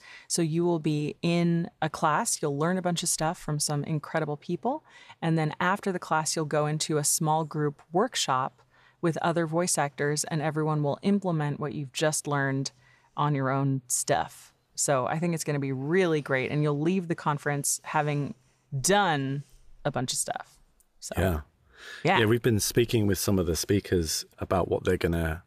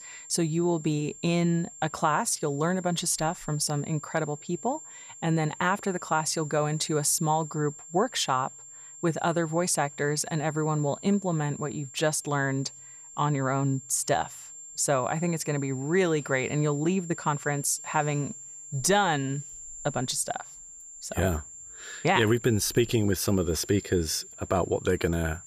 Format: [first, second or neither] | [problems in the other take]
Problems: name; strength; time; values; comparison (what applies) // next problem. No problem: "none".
first | high-pitched whine; noticeable; throughout; 7.5 kHz, 15 dB below the speech